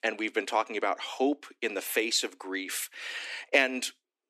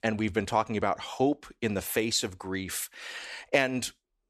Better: second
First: thin; very slightly; fading below 250 Hz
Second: none

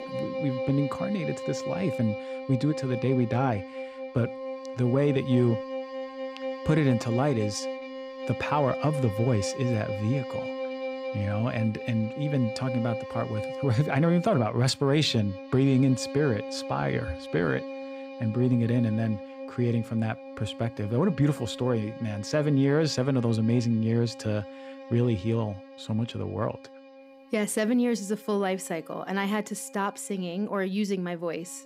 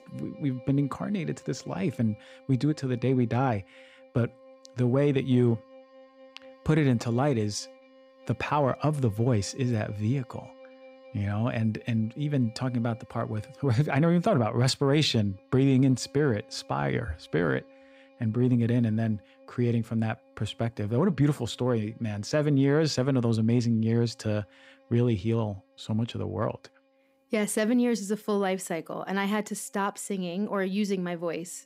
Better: second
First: background music; loud; throughout; 9 dB below the speech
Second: background music; faint; throughout; 25 dB below the speech

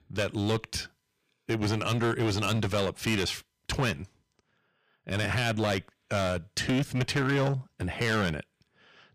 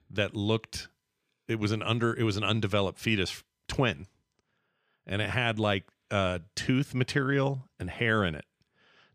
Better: second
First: distortion; heavy; 10% of the sound clipped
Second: none

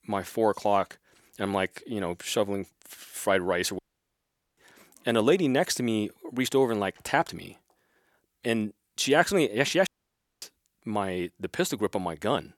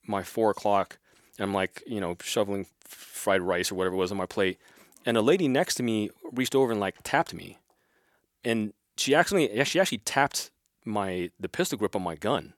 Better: second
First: audio cutting out; at 4 s for 1 s and at 10 s for 0.5 s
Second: none

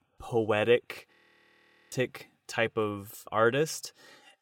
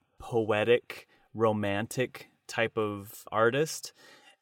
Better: second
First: audio freezing; at 1 s for 1 s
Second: none

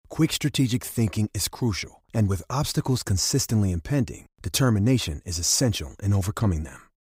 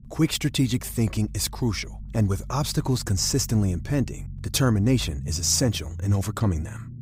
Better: first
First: none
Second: low rumble; faint; throughout; 25 dB below the speech

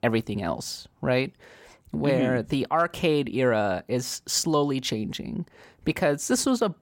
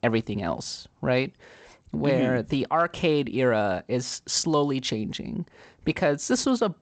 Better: first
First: none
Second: garbled, watery; slightly; nothing above 7.5 kHz

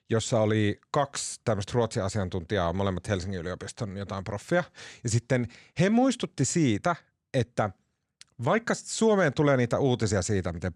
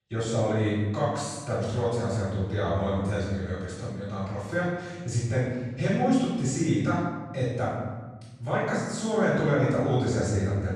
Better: first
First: none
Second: off-mic speech; far // room echo; strong; dies away in 1.2 s

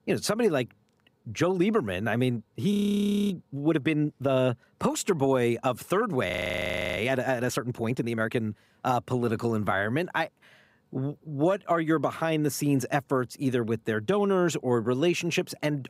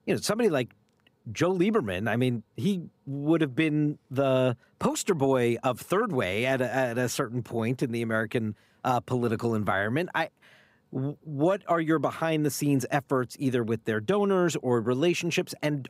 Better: second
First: audio freezing; at 2.5 s for 0.5 s and at 6.5 s for 0.5 s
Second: none

